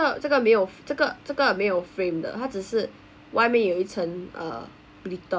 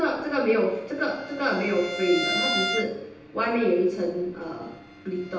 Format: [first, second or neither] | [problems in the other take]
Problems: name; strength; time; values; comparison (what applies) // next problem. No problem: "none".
first | background sound (Bowed string instrument); 8 dB below the speech // room echo; dies away in 0.9 s